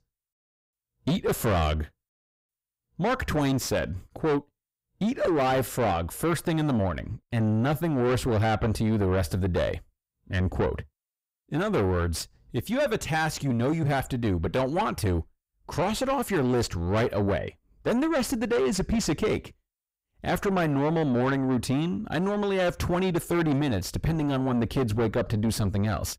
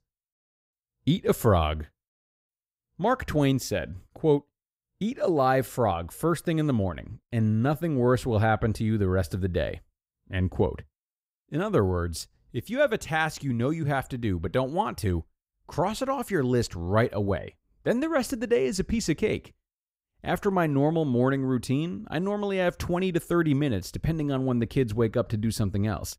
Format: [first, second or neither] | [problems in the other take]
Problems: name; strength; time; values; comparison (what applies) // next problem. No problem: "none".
second | distortion; heavy; 5 dB below the speech